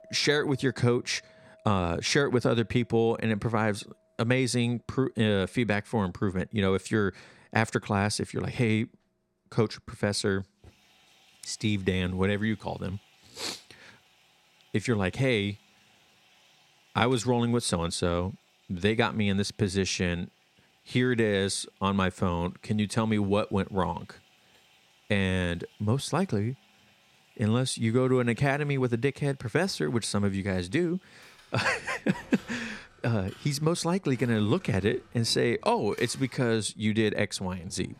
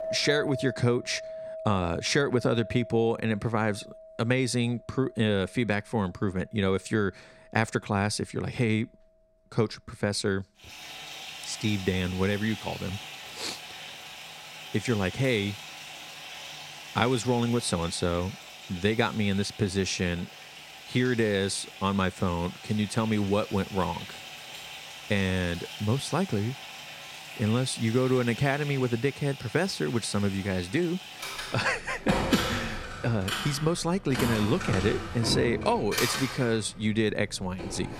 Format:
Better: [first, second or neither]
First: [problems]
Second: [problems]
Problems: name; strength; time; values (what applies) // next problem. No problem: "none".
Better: first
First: household noises; faint; throughout; 30 dB below the speech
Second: household noises; loud; throughout; 9 dB below the speech